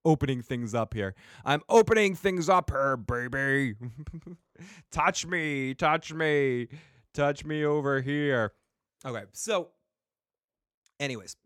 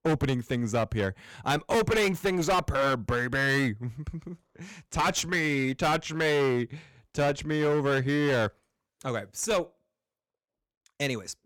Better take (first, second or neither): first